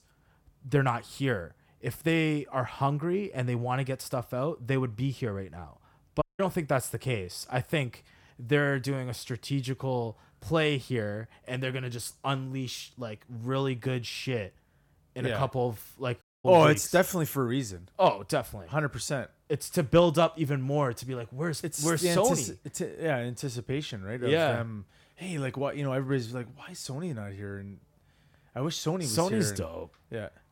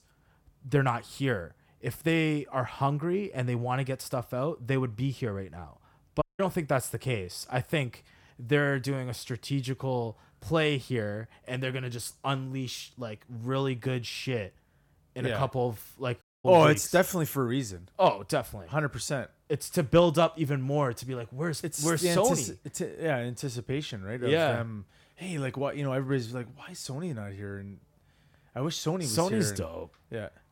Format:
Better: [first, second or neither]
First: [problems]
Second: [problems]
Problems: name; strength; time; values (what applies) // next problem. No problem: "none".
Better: neither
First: audio cutting out; at 6 s and at 16 s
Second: audio cutting out; at 6 s and at 16 s